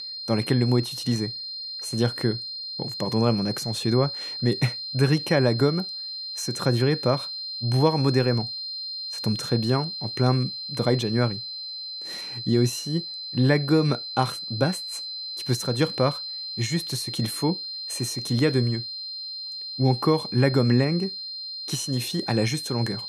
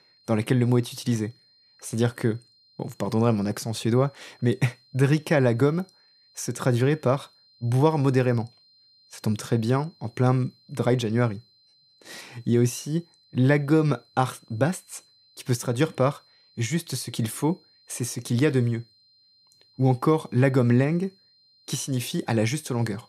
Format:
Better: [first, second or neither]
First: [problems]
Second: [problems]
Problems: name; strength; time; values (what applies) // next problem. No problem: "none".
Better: second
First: high-pitched whine; loud; throughout; 4 kHz, 6 dB below the speech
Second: high-pitched whine; faint; throughout; 4 kHz, 30 dB below the speech